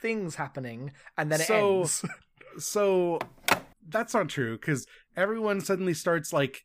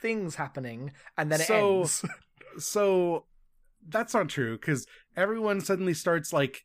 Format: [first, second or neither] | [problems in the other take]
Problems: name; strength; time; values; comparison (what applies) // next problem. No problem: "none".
second | phone ringing; loud; at 3 s; peak 1 dB above the speech